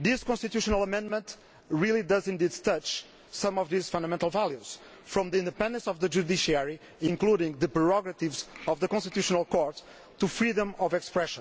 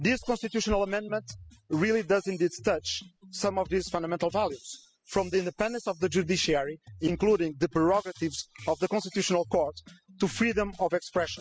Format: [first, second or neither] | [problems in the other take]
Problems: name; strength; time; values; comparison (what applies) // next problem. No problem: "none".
first | noise reduction (classical method spectral subtraction)